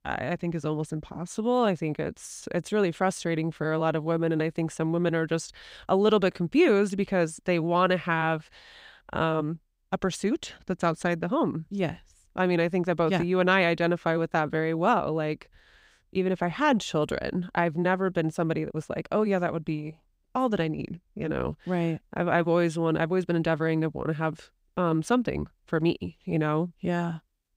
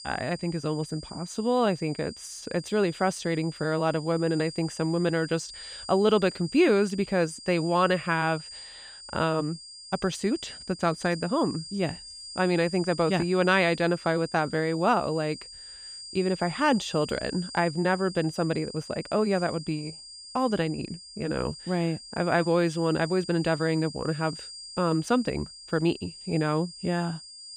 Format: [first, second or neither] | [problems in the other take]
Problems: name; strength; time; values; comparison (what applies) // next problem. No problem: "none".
first | high-pitched whine; noticeable; throughout; 5 kHz, 15 dB below the speech